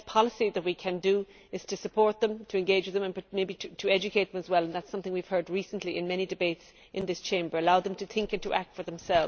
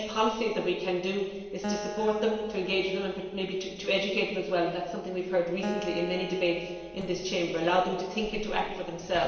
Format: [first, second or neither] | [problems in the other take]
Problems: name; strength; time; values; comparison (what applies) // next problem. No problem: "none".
first | background sound (Acoustic guitar); 12 dB below the speech // room echo; dies away in 1.3 s